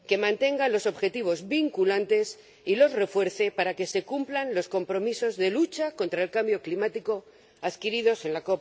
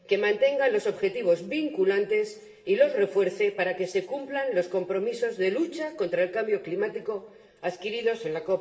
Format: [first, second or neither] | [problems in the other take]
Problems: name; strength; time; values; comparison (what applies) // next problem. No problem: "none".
first | room echo; dies away in 0.8 s